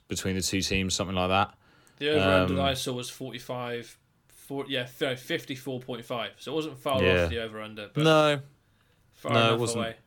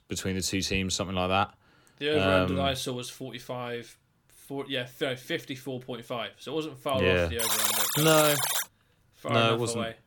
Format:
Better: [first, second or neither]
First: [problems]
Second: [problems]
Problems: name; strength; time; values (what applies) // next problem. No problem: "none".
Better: first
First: none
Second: alarm; loud; from 7.5 to 8.5 s; peak 5 dB above the speech